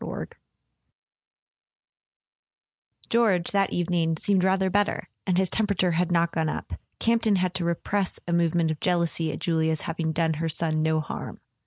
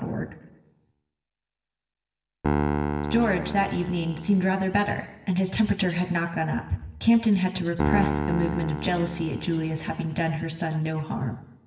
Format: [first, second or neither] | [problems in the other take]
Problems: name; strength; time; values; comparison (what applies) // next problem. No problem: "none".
first | background sound (Piano); 6 dB below the speech // room echo; dies away in 1 s